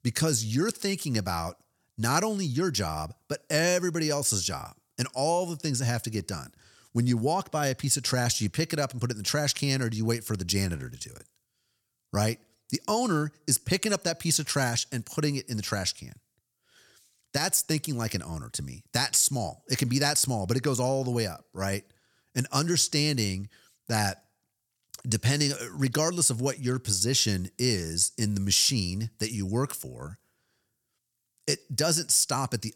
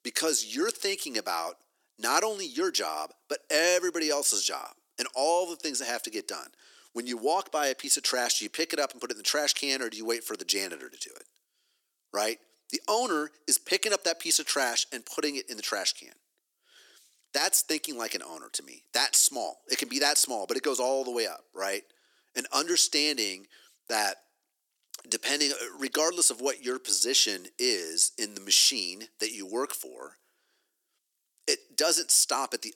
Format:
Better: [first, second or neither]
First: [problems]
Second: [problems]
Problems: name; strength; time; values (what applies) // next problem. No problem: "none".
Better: first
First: none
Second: thin; somewhat; fading below 300 Hz